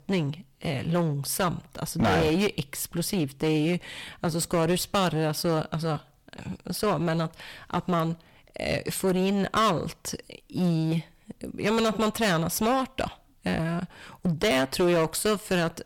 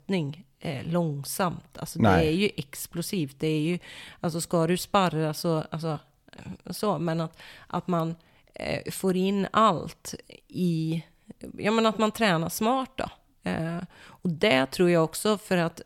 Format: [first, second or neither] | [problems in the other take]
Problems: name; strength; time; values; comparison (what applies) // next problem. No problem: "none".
second | distortion; heavy; 11% of the sound clipped